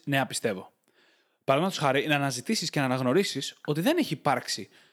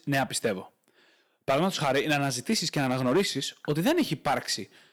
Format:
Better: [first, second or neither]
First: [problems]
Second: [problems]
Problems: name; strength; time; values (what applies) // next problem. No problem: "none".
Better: first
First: none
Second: distortion; slight; 4% of the sound clipped